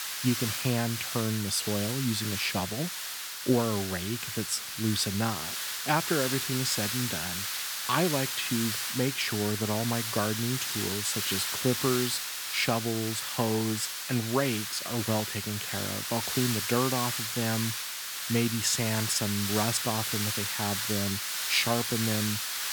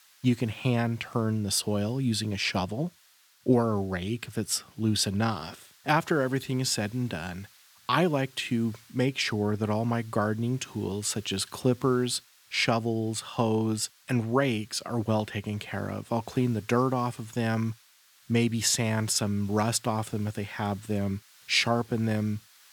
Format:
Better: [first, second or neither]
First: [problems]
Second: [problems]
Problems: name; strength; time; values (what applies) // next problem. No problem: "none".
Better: second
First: hiss; loud; throughout; 1 dB below the speech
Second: hiss; faint; throughout; 25 dB below the speech